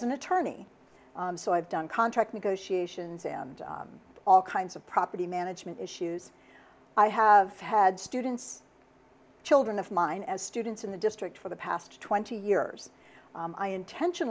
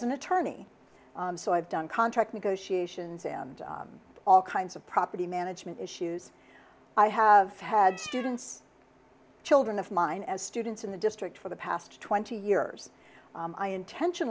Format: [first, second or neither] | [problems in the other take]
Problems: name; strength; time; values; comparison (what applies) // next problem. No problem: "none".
first | background sound (Cat); 15 dB below the speech